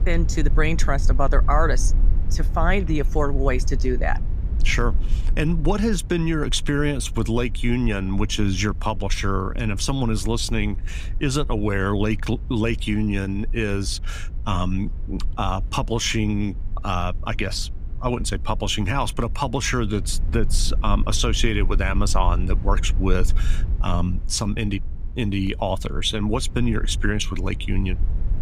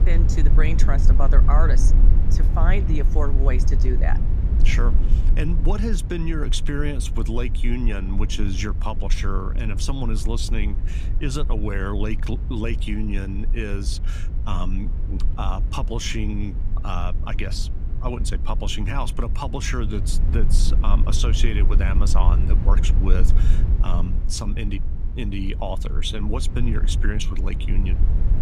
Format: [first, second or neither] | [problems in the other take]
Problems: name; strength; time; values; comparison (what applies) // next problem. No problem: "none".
first | low rumble; loud; throughout; 9 dB below the speech; faint in the first